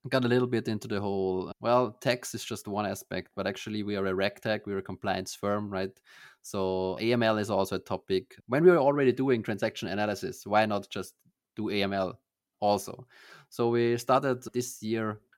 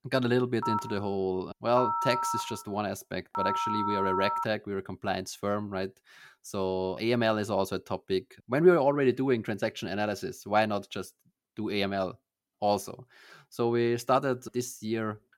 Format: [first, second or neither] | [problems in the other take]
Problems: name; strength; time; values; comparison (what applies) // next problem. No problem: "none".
first | phone ringing; loud; from 0.5 to 4.5 s; peak level with the speech